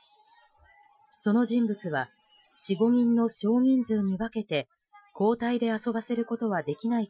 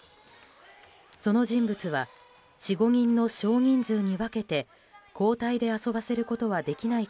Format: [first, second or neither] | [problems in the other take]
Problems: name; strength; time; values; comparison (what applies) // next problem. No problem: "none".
second | noise reduction (classical method Wiener filter)